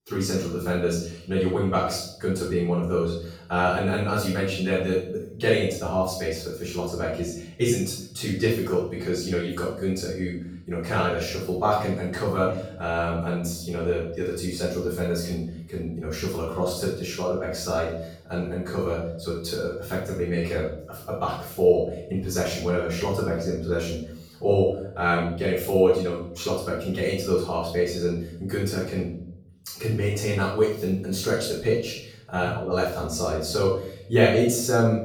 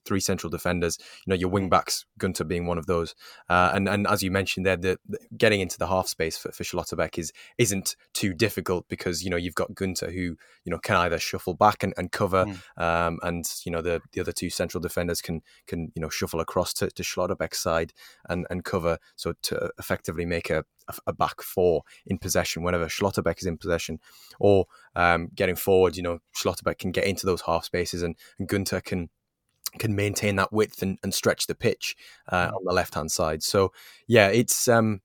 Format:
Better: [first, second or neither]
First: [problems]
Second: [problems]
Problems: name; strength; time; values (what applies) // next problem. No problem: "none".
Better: second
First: room echo; noticeable; dies away in 0.7 s // off-mic speech; far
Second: none